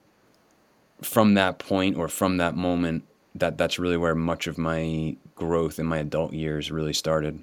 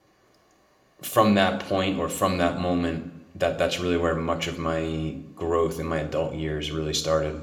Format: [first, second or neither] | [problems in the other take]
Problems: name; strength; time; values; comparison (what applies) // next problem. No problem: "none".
first | room echo; very slight; dies away in 0.6 s